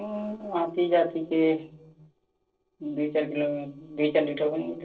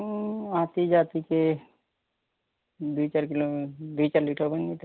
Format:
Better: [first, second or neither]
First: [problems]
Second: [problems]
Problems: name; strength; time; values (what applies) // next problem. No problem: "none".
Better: second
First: noise reduction (neural separator model SepFormer DNS4)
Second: none